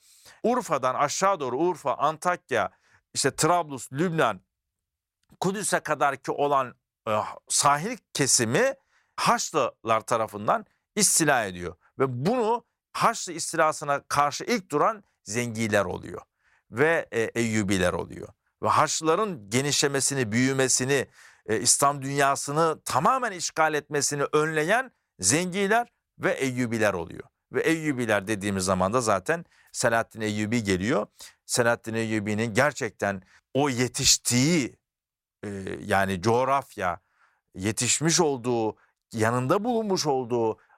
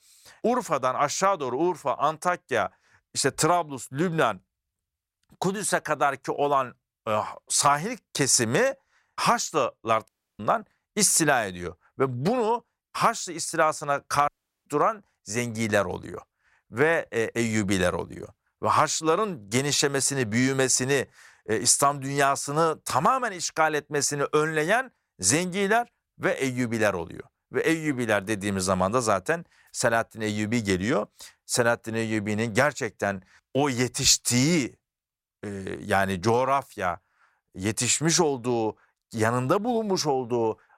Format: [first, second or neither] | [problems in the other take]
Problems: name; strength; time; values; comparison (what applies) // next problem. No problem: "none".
first | audio cutting out; at 10 s and at 14 s